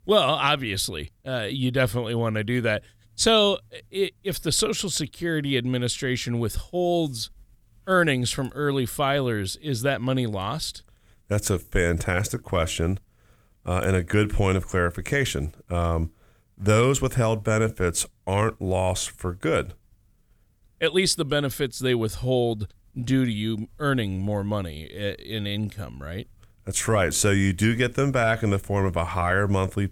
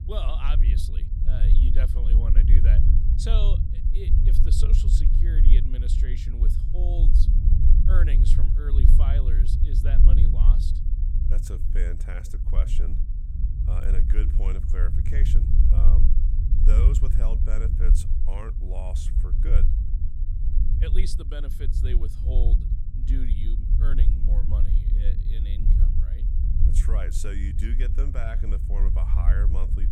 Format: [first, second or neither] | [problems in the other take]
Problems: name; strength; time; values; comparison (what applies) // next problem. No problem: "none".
first | low rumble; loud; throughout; 2 dB below the speech